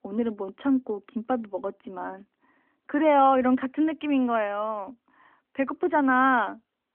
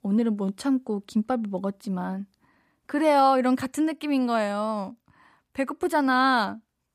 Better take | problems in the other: second | phone-call audio; nothing above 3.5 kHz

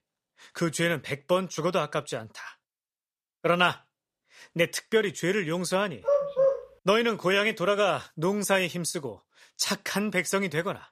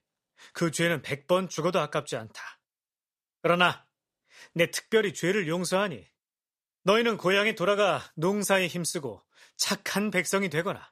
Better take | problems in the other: second | dog barking; loud; at 6 s; peak 3 dB above the speech

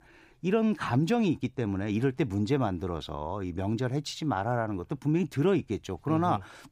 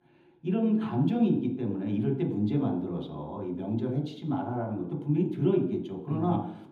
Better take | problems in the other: first | room echo; noticeable; dies away in 0.8 s // off-mic speech; far

